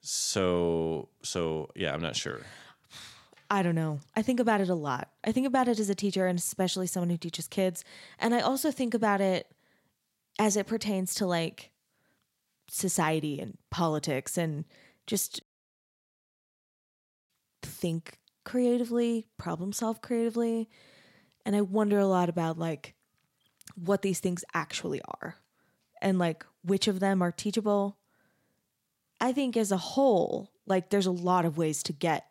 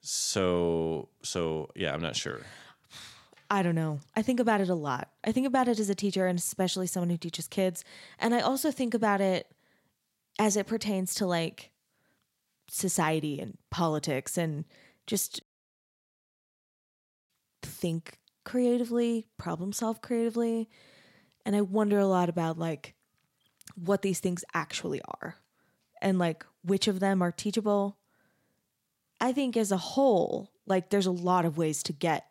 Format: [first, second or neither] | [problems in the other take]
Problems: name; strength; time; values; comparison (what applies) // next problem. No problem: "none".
neither | audio cutting out; at 15 s for 2 s; the same in both